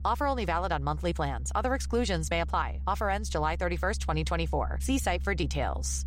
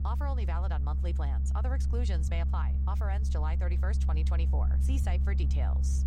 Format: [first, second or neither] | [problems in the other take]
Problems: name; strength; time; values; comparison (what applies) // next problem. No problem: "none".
first | low rumble; loud; throughout; 6 dB below the speech; faint in the first